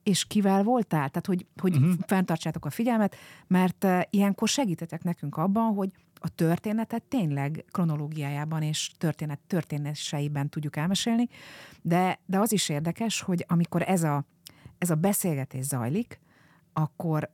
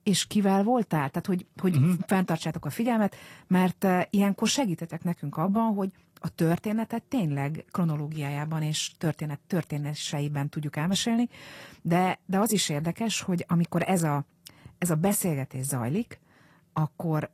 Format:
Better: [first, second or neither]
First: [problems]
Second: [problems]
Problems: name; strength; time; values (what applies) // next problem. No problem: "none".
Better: first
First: none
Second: garbled, watery; slightly; nothing above 13 kHz